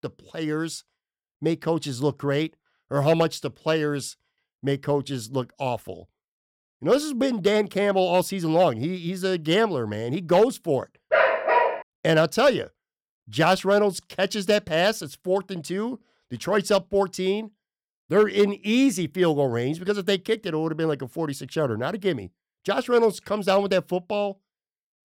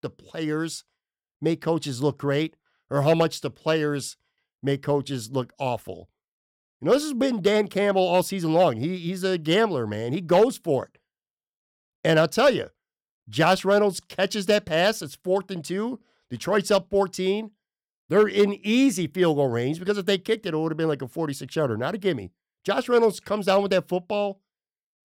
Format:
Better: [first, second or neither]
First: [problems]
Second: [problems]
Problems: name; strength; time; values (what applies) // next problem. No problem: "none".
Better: second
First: dog barking; loud; at 11 s; peak 4 dB above the speech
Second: none